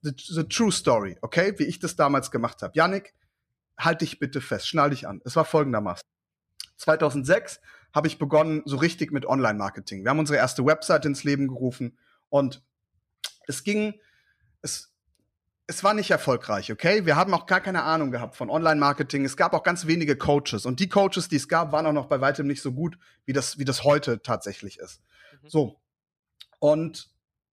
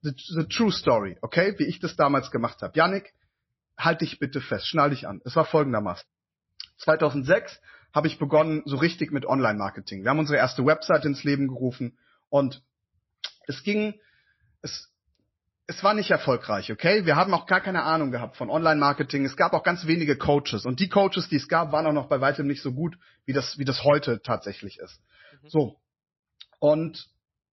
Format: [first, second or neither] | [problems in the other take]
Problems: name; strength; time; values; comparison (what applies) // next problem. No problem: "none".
first | garbled, watery; slightly; nothing above 5.5 kHz